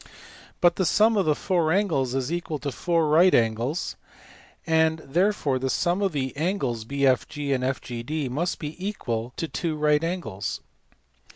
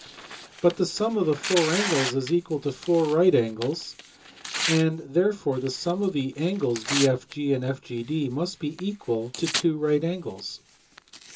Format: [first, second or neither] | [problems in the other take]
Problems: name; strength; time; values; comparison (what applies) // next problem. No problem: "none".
first | background sound (Tearing); 10 dB below the speech // room echo; dies away in 0.2 s